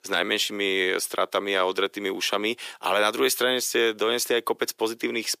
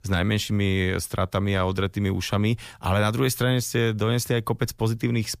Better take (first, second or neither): second